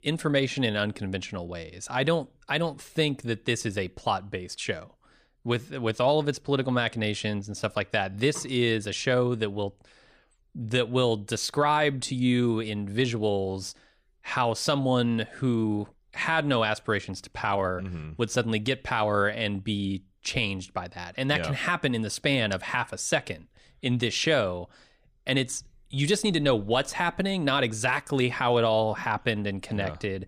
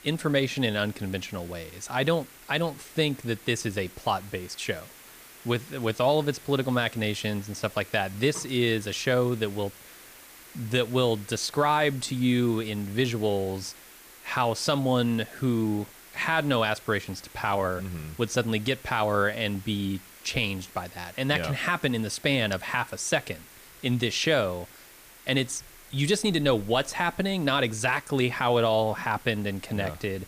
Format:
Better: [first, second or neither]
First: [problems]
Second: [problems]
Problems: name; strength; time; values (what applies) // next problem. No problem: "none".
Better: first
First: none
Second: hiss; faint; throughout; 20 dB below the speech